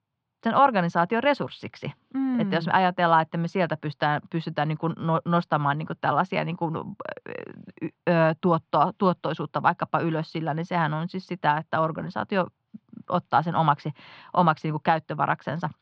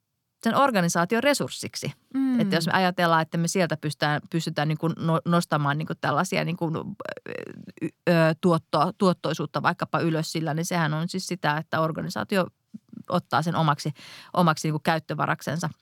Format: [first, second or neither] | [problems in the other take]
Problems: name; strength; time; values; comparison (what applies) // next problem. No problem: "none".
second | muffled; very; fading above 3.5 kHz